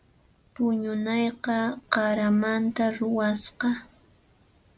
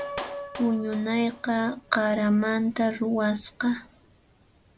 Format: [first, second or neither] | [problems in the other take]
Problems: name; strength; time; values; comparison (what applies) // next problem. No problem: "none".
first | background sound (Piano + Clapping); 15 dB below the speech